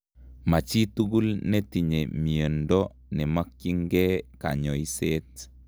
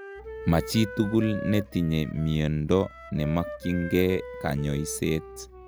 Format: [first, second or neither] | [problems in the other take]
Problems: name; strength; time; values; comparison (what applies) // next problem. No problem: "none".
first | background sound (Wind instrument, woodwind instrument); 13 dB below the speech